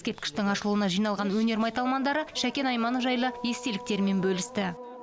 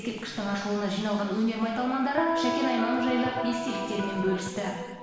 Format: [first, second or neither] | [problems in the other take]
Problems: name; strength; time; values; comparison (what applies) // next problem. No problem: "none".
first | background sound (Electric guitar); 2 dB below the speech // room echo; dies away in 1.1 s